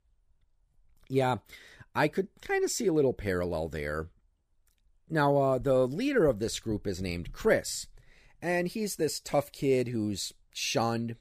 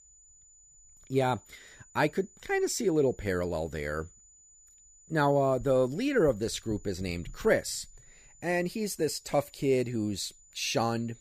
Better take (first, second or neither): first